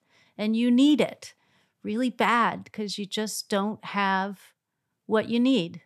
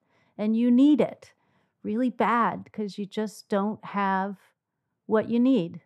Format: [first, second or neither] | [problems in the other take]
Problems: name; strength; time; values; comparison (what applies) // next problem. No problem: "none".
first | muffled; slightly; fading above 2 kHz